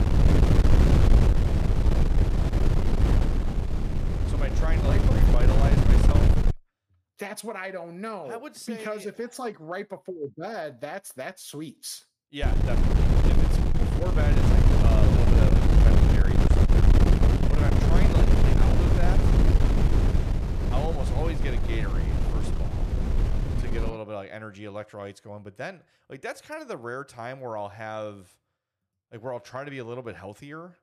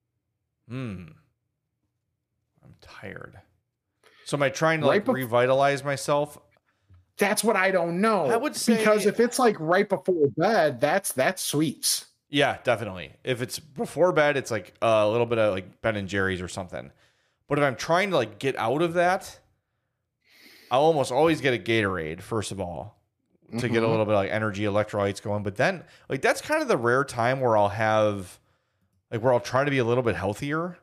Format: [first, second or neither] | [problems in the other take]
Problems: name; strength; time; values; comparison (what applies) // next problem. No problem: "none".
second | wind noise on the microphone; heavy; until 6.5 s and from 12 to 24 s; 3 dB above the speech